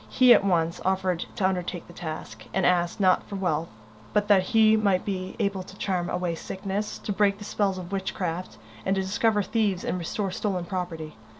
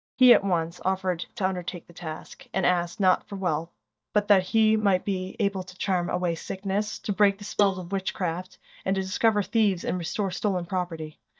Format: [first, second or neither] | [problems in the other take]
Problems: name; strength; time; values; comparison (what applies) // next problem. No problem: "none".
first | noise reduction (neural mask model DeepFilterNet 3)